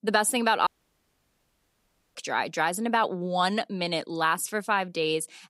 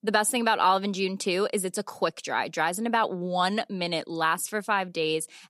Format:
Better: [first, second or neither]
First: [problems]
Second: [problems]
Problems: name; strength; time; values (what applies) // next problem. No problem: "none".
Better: second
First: audio cutting out; at 0.5 s for 1.5 s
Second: none